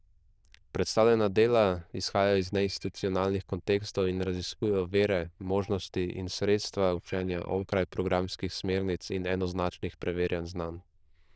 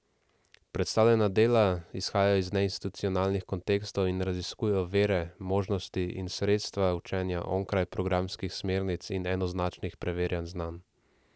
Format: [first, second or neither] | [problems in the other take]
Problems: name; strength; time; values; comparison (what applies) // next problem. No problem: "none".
second | noise reduction (neural diffusion model UNIVERSE++)